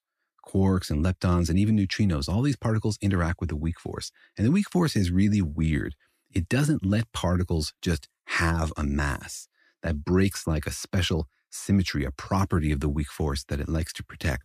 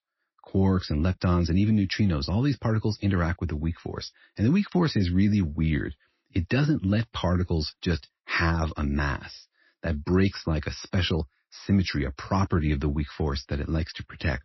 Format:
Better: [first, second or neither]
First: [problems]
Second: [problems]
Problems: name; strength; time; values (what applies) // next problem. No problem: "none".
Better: first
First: none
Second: garbled, watery; slightly; nothing above 5.5 kHz